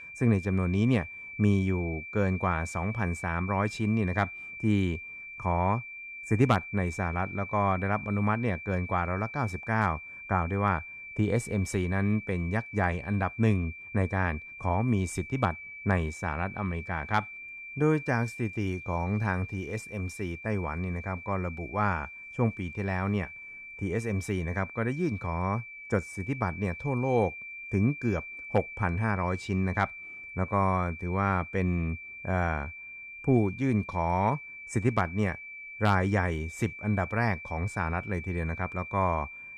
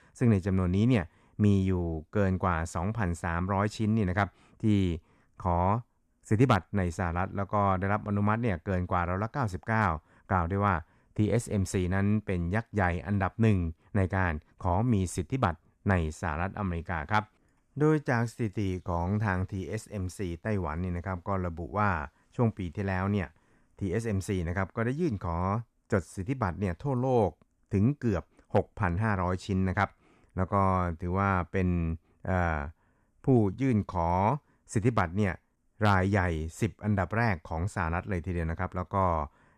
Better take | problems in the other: second | high-pitched whine; noticeable; throughout; 2.5 kHz, 10 dB below the speech

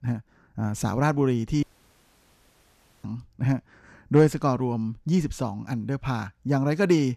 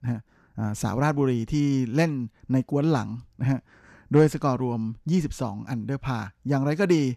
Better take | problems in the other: second | audio cutting out; at 1.5 s for 1.5 s

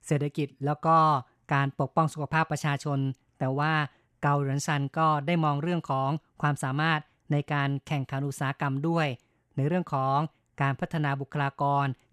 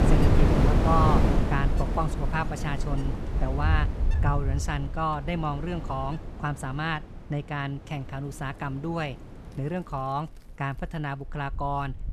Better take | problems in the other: first | wind in the background; very loud; throughout; 4 dB above the speech

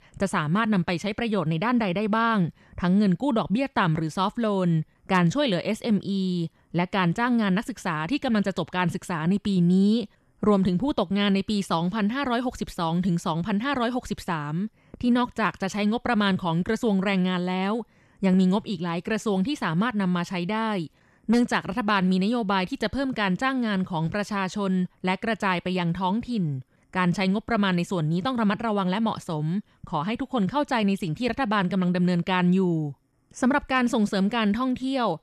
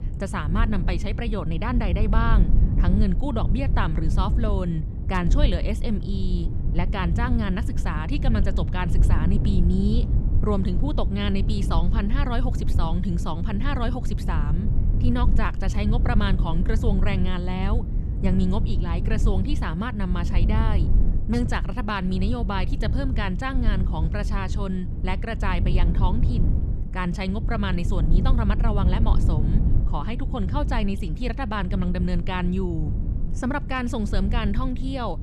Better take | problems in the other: first | low rumble; loud; throughout; 9 dB below the speech

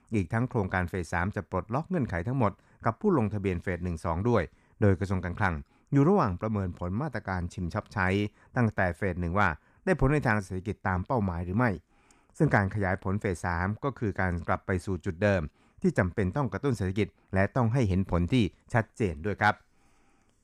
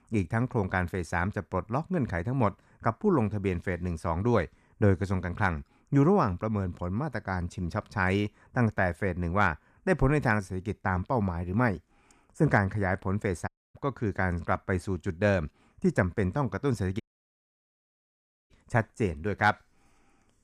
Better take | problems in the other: first | audio cutting out; at 13 s and at 17 s for 1.5 s

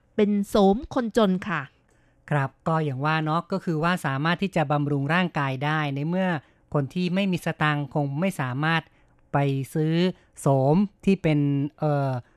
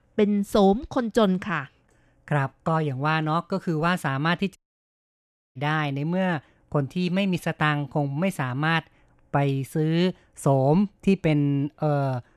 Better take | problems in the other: first | audio cutting out; at 4.5 s for 1 s

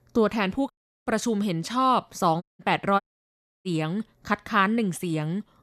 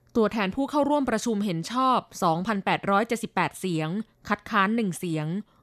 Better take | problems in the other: second | audio cutting out; at 0.5 s, at 2.5 s and at 3 s for 0.5 s

